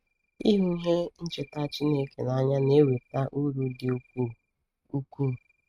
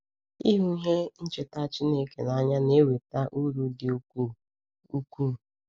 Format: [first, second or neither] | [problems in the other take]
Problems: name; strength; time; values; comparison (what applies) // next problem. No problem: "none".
second | noise reduction (neural mask model RNNoise)